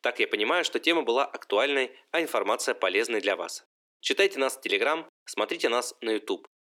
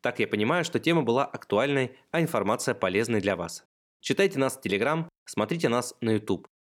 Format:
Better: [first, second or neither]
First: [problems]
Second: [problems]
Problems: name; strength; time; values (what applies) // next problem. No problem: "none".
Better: second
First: thin; somewhat; fading below 300 Hz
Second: none